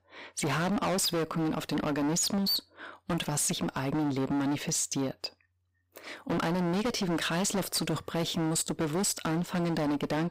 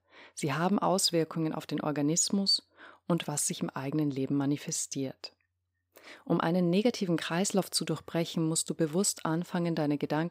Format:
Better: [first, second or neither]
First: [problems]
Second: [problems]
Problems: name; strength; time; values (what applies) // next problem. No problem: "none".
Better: second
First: distortion; heavy; 28% of the sound clipped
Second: none